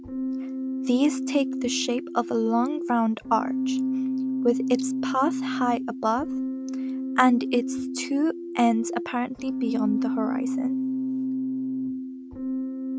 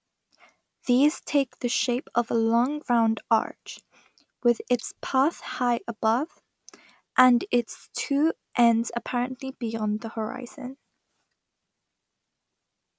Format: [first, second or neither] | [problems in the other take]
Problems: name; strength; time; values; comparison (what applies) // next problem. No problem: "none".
second | background sound (Keyboard (musical)); 2 dB below the speech